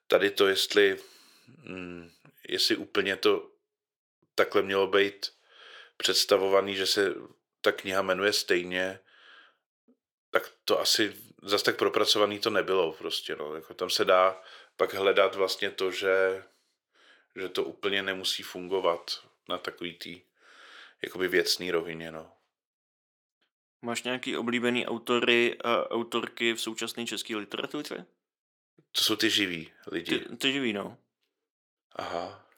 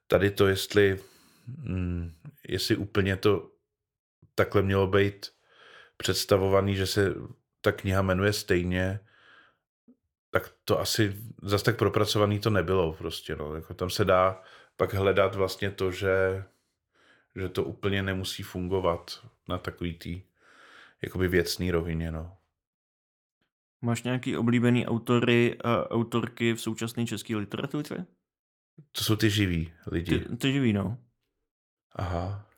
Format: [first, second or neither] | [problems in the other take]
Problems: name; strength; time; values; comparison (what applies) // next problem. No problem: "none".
second | thin; somewhat; fading below 400 Hz